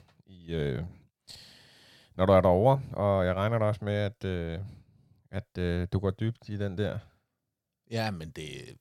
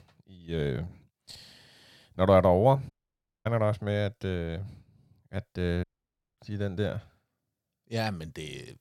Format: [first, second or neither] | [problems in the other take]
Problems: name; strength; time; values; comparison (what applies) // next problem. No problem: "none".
first | audio cutting out; at 3 s for 0.5 s and at 6 s for 0.5 s